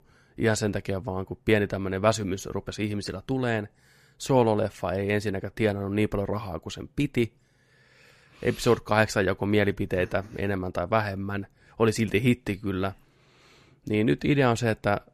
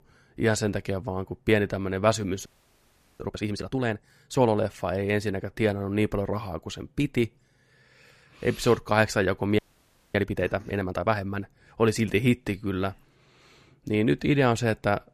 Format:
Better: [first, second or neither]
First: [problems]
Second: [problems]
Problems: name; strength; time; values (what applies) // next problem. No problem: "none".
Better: first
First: none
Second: audio freezing; at 2.5 s for 0.5 s and at 9.5 s for 0.5 s